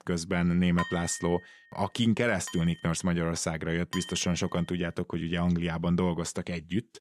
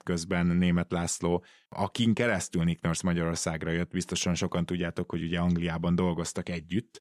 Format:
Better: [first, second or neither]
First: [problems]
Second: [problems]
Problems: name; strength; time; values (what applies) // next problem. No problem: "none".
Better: second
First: clattering dishes; noticeable; from 1 to 4 s; peak 7 dB below the speech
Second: none